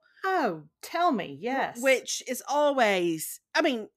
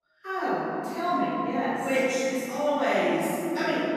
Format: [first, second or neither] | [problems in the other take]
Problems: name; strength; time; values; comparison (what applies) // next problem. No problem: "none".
first | off-mic speech; far // room echo; strong; dies away in 3 s